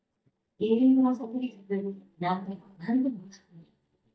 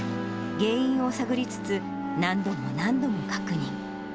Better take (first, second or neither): second